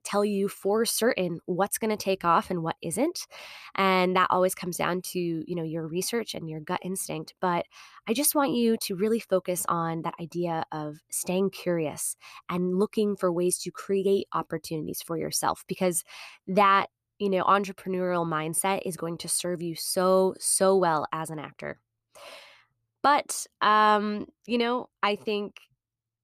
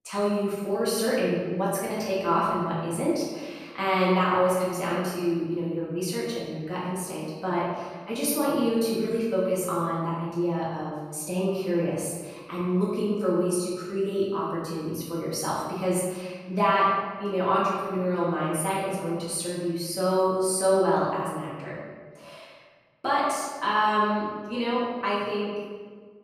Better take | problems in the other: first | room echo; strong; dies away in 1.4 s // off-mic speech; far

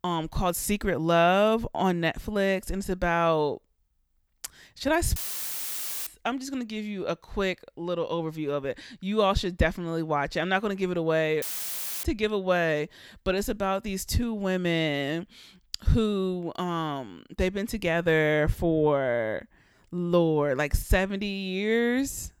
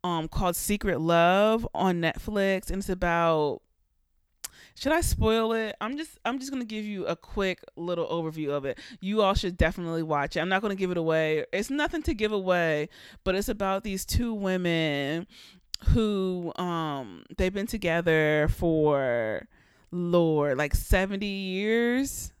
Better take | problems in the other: second | audio cutting out; filled with static; at 5 s for 1 s and at 11 s for 0.5 s

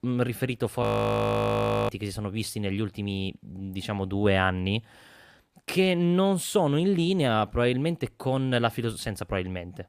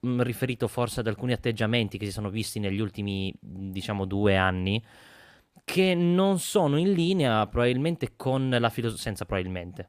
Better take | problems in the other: second | audio freezing; at 1 s for 1 s

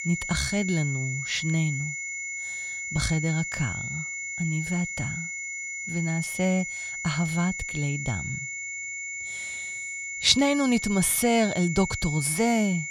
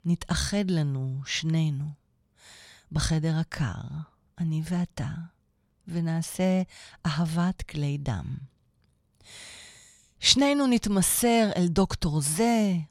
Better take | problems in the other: second | high-pitched whine; loud; throughout; 2 kHz, 5 dB below the speech

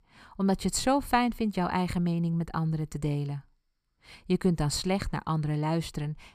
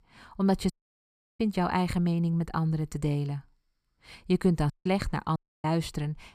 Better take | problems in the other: first | audio cutting out; at 0.5 s for 0.5 s, at 4.5 s and at 5.5 s

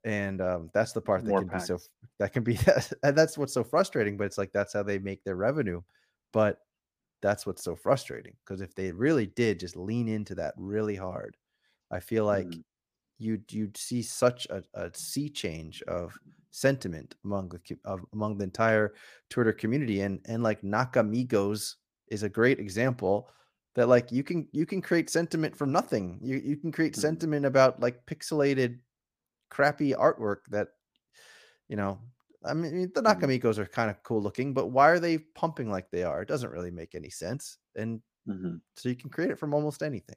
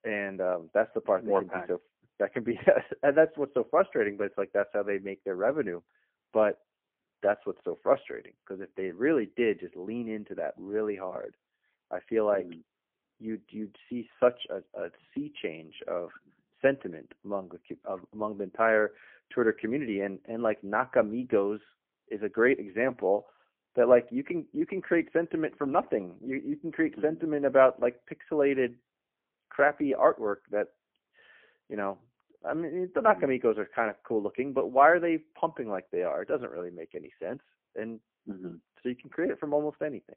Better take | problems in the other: first | phone-call audio; poor line; nothing above 3 kHz

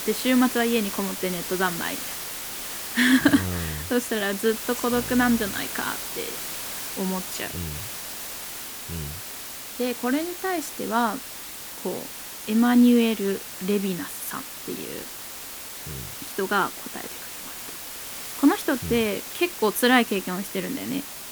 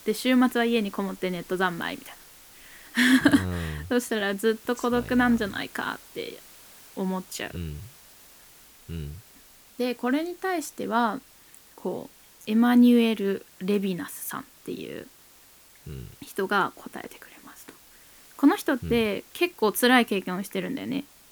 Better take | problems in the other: second | hiss; loud; throughout; 8 dB below the speech; faint in the second

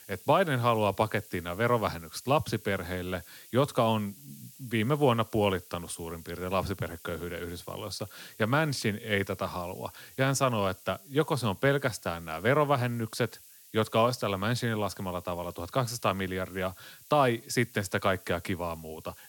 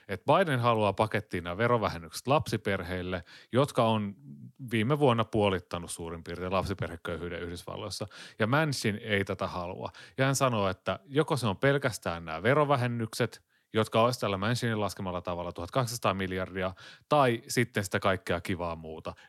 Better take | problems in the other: second | hiss; faint; throughout; 20 dB below the speech

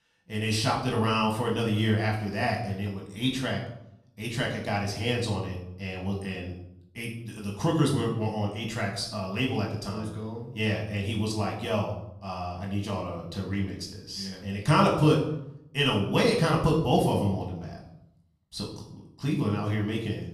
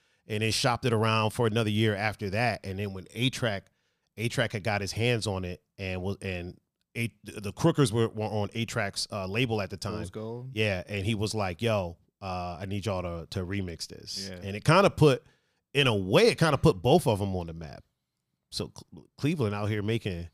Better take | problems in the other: second | off-mic speech; far // room echo; noticeable; dies away in 0.6 s

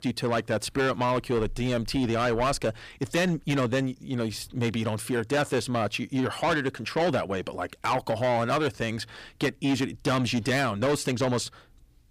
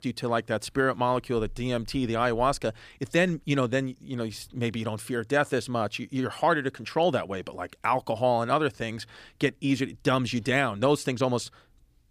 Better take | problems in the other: second | distortion; heavy; 8 dB below the speech

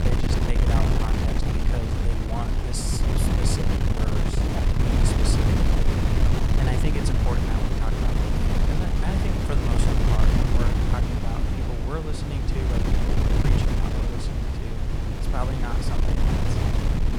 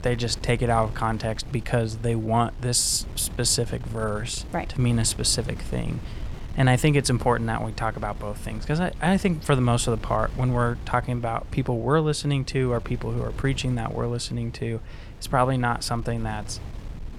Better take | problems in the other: second | wind noise on the microphone; heavy; 5 dB above the speech; occasional gusts in the second

